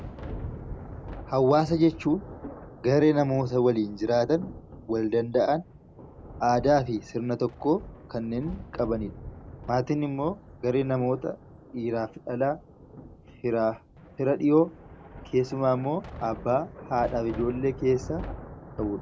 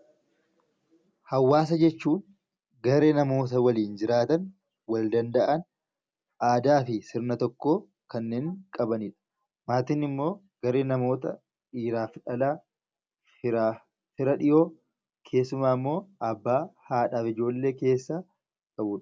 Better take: second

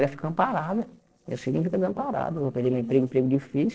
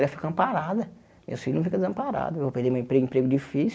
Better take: second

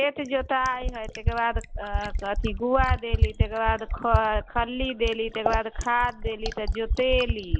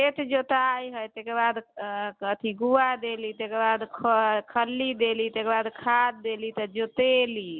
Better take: second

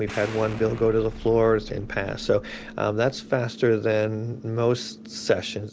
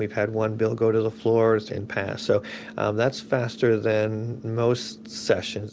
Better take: second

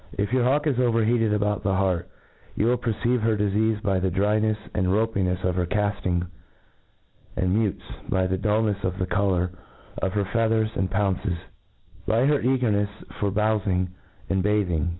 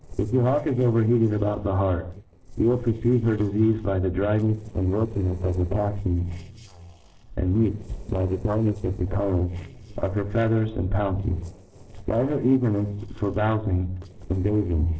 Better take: first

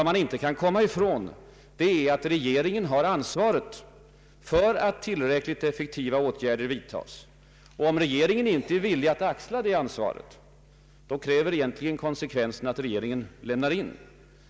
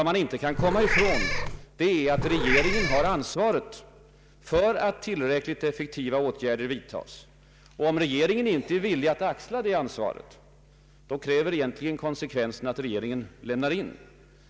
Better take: first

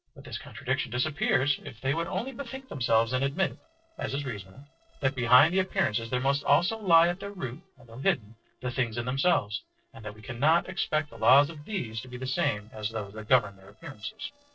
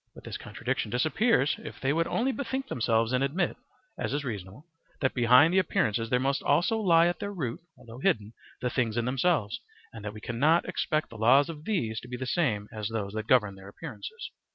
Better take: second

